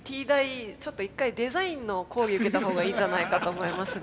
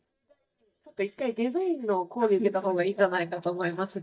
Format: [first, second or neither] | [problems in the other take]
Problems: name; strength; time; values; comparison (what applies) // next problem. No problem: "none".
first | noise reduction (neural mask model DeepFilterNet 3)